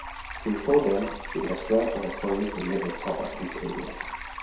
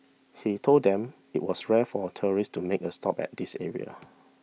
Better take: second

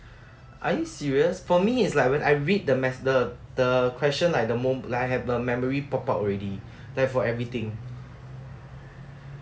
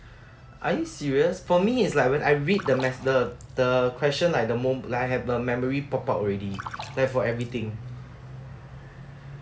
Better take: first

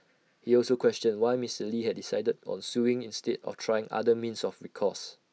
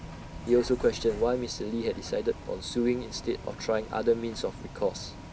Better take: first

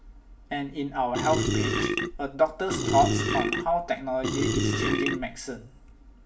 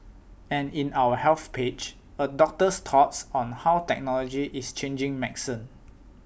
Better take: second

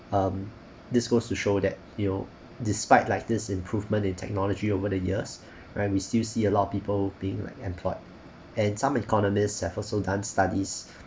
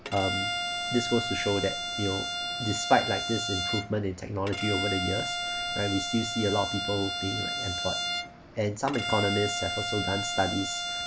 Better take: first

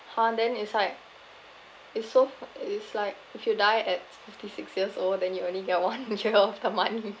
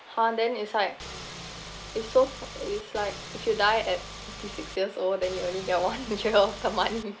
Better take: first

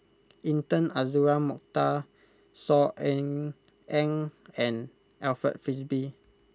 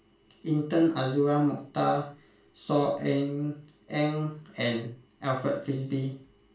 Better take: first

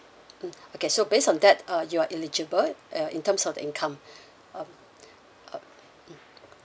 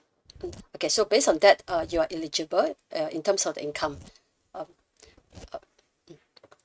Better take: first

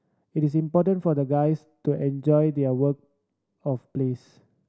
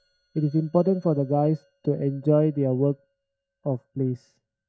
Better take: first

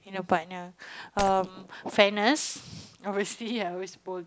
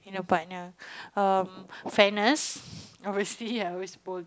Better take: second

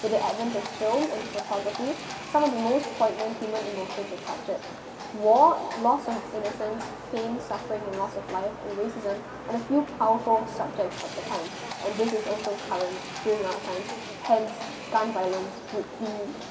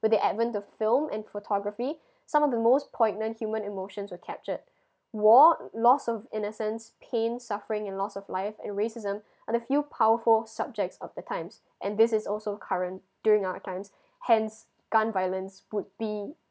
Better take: second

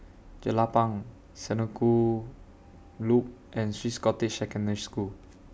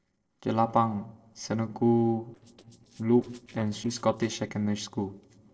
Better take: first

